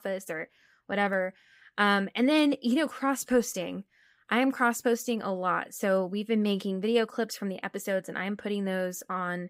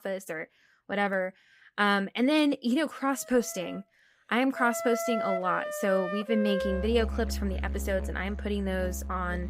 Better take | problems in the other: first | background music; loud; from 3.5 s on; 5 dB below the speech

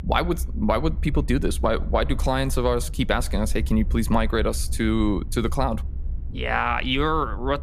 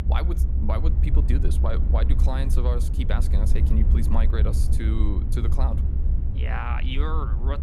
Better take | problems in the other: first | low rumble; loud; throughout; 6 dB below the speech; faint in the first

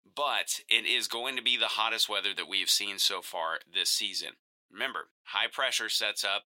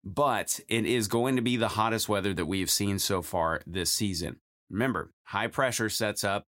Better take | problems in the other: second | thin; very; fading below 600 Hz

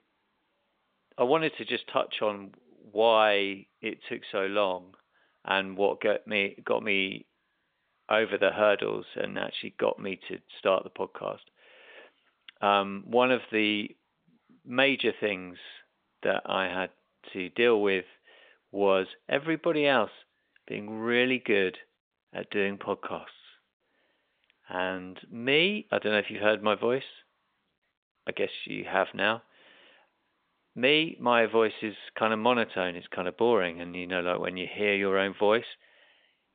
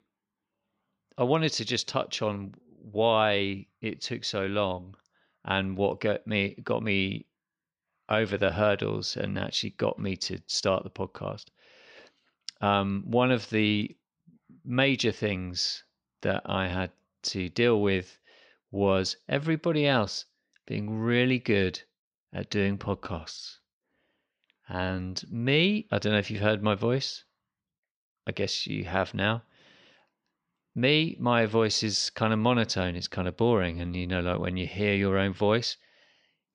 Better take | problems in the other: second | phone-call audio; nothing above 3.5 kHz

